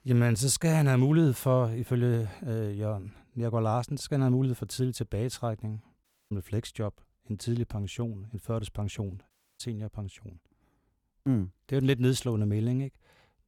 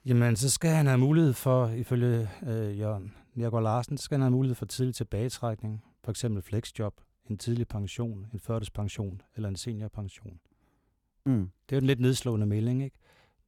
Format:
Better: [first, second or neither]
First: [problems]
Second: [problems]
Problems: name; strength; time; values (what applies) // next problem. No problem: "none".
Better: second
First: audio cutting out; at 6 s and at 9.5 s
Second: none